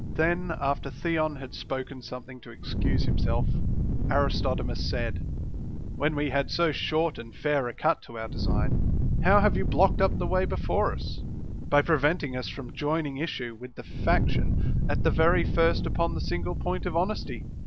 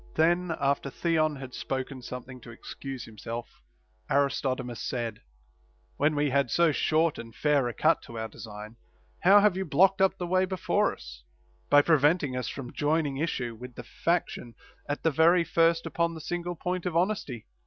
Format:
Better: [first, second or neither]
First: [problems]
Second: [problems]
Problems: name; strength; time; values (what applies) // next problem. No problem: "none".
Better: second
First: background sound (Fire); 1 dB above the speech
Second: none